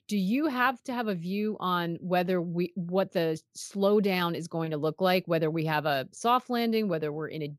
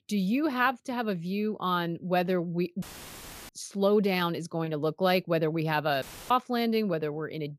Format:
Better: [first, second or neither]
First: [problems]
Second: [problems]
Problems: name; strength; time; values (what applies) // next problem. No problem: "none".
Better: first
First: none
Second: audio cutting out; filled with static; at 3 s for 0.5 s and at 6 s